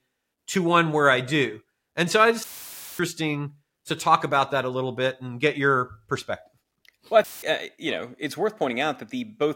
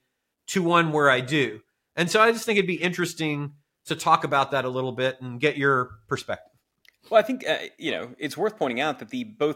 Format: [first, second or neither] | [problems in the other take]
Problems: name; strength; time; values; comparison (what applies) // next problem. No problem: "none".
second | audio cutting out; filled with static; at 2.5 s for 0.5 s and at 7 s